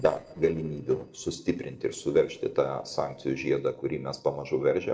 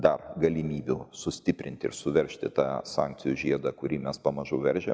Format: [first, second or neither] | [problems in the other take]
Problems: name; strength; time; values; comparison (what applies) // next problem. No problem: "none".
second | noise reduction (neural separator model SepFormer DNS4)